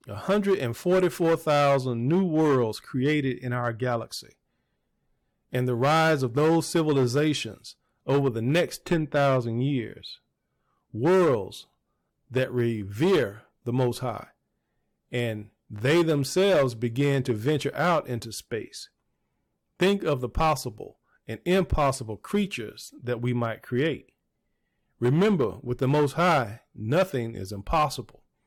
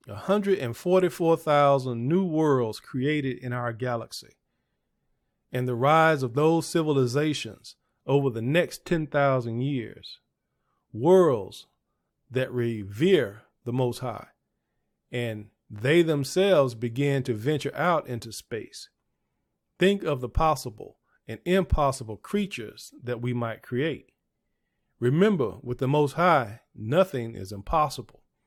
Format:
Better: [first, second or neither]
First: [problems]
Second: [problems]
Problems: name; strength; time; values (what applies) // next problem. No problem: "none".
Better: second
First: distortion; slight; 6% of the sound clipped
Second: none